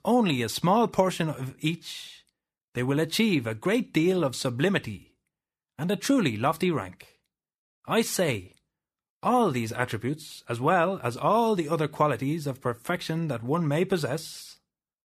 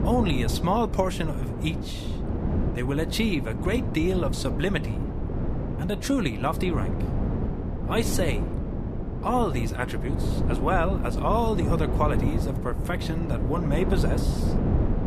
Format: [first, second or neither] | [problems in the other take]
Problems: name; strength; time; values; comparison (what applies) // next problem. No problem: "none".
first | wind noise on the microphone; heavy; 7 dB below the speech